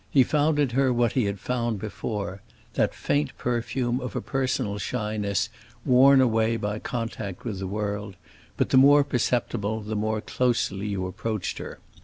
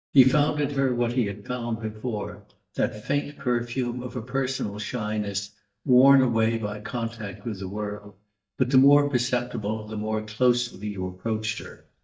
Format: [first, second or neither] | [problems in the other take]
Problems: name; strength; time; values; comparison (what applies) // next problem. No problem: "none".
first | noise reduction (neural mask model DeepFilterNet 3)